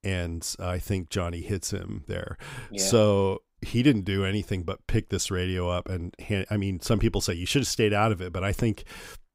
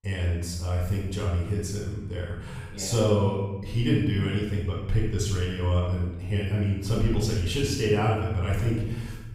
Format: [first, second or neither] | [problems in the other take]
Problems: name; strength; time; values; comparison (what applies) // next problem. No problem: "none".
first | off-mic speech; far // room echo; noticeable; dies away in 1.3 s